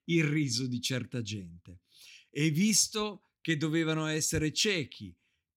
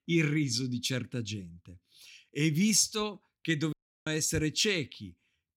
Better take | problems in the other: first | audio cutting out; at 3.5 s

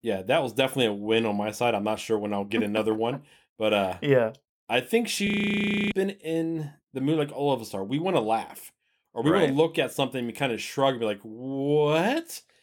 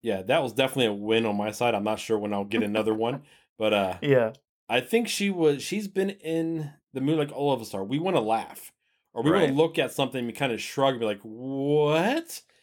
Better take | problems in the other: second | audio freezing; at 5.5 s for 0.5 s

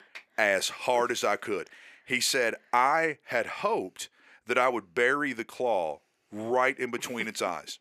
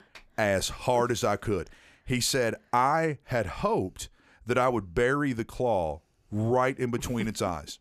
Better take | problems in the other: second | thin; somewhat; fading below 300 Hz

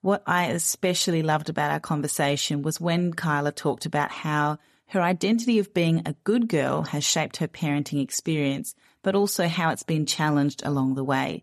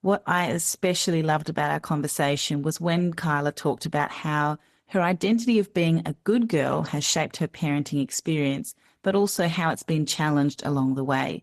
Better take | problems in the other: first | garbled, watery; slightly; nothing above 13.5 kHz

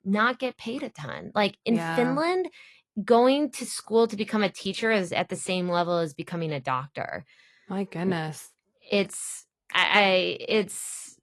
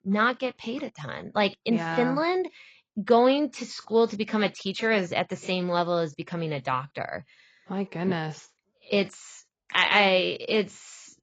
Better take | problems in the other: first | garbled, watery; badly; nothing above 7.5 kHz; slightly in the first

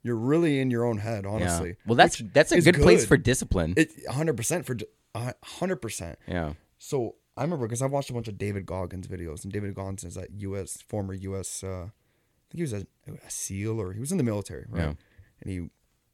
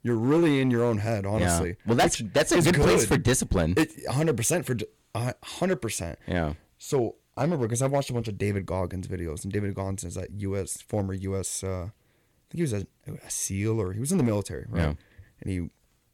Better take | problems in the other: first | distortion; heavy; 4% of the sound clipped

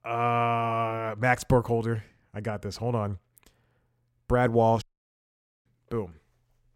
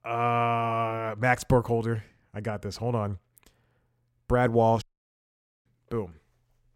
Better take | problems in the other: neither | audio cutting out; at 5 s for 1 s; the same in both

